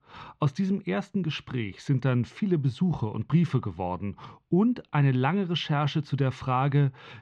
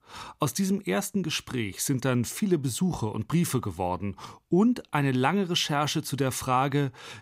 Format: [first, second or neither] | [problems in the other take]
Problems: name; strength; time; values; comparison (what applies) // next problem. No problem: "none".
second | muffled; slightly; fading above 3.5 kHz